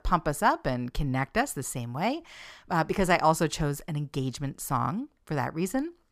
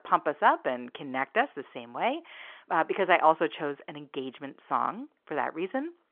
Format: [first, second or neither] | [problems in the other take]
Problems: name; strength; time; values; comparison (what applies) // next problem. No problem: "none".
first | phone-call audio